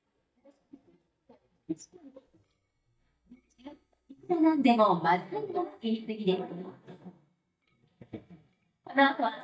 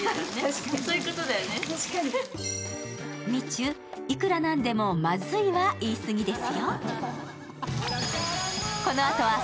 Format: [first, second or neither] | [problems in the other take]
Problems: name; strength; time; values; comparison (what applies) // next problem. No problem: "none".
second | noise reduction (neural mask model DeepFilterNet 3)